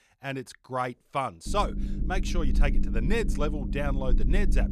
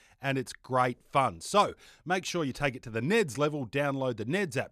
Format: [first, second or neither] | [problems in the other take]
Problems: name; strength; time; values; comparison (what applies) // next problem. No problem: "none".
second | low rumble; noticeable; from 1.5 s on; 10 dB below the speech